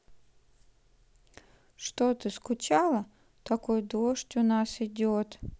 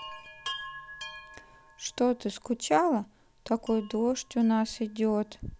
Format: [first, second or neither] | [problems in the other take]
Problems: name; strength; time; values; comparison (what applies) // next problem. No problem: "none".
first | background sound (Chime); 16 dB below the speech